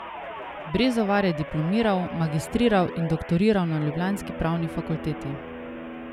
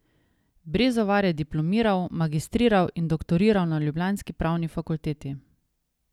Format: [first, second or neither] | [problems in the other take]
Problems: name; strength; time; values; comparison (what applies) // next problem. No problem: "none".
second | background sound (Guitar); 11 dB below the speech